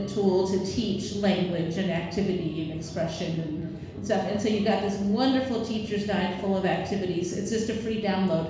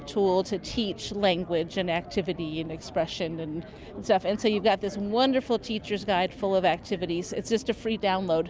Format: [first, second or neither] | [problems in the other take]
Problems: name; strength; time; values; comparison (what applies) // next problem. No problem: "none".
second | room echo; dies away in 1.1 s